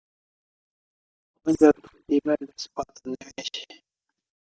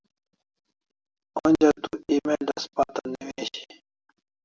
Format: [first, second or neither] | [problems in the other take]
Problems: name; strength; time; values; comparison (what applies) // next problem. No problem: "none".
second | noise reduction (neural mask model DeepFilterNet 3)